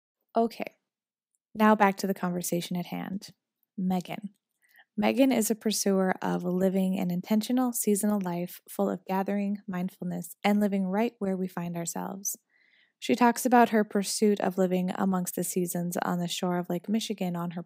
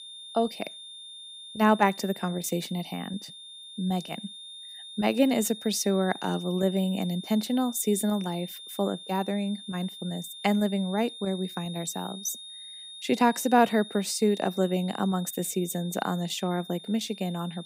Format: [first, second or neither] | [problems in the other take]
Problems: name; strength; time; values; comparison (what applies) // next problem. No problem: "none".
first | high-pitched whine; noticeable; throughout; 3.5 kHz, 15 dB below the speech